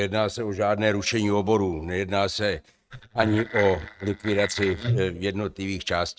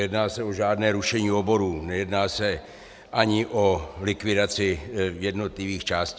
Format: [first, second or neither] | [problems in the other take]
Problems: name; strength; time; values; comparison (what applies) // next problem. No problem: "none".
second | noise reduction (neural mask model RNNoise)